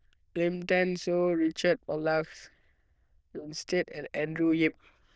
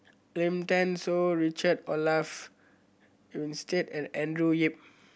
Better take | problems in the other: second | noise reduction (neural diffusion model UNIVERSE++)

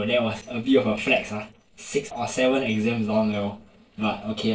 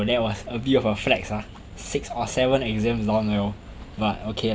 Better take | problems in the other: second | noise reduction (neural separator model SepFormer DNS4)

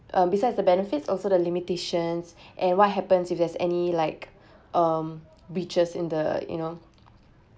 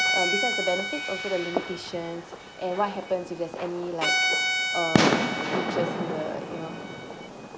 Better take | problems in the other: first | background sound (Fireworks + Bowed string instrument); 4 dB above the speech

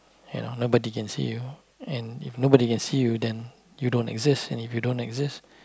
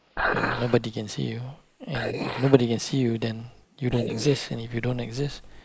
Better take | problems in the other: first | noise reduction (neural mask model Resemble Enhance denoiser)

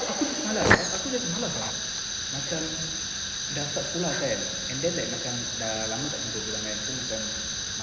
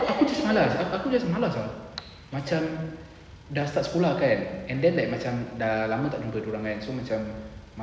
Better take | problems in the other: second | background sound (Fire); 3 dB above the speech

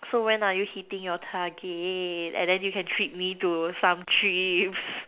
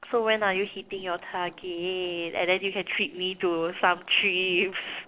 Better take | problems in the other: first | noise reduction (neural separator model SepFormer DNS4)

